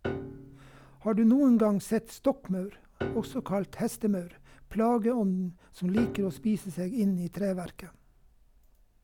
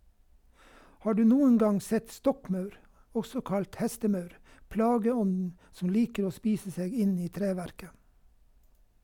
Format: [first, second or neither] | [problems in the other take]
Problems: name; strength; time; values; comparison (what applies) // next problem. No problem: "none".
second | background sound (Piano); 14 dB below the speech